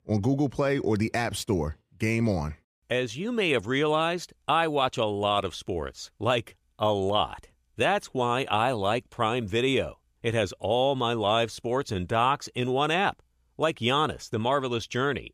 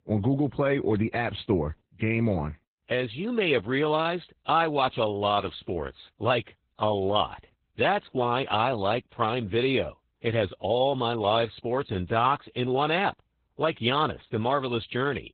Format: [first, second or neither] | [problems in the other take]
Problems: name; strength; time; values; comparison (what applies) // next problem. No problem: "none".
first | garbled, watery; badly; nothing above 3.5 kHz